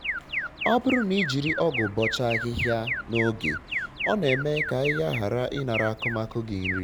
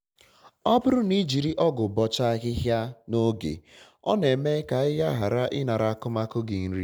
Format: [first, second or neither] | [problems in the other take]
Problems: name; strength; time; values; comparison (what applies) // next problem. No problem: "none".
second | background sound (Alarm); 5 dB below the speech